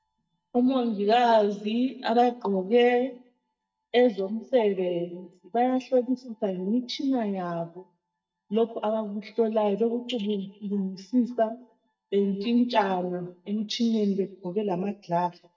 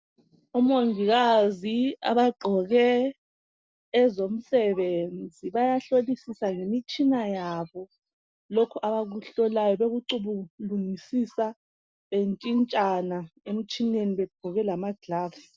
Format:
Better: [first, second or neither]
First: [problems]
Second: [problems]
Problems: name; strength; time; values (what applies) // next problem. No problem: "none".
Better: second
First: noise reduction (neural mask model DeepFilterNet 3)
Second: none